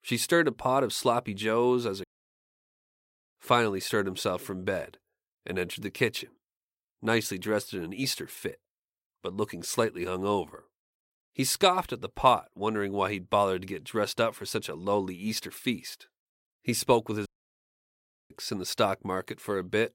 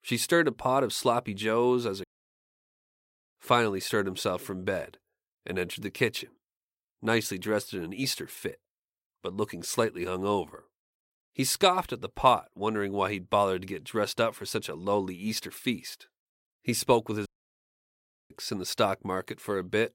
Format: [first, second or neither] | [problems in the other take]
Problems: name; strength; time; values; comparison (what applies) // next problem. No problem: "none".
neither | audio cutting out; at 2 s for 1 s and at 17 s for 1 s; the same in both